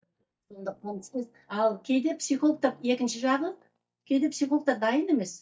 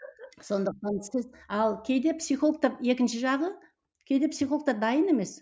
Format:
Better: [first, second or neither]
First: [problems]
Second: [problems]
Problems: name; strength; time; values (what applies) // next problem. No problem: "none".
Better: second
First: noise reduction (neural mask model DeepFilterNet 3)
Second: none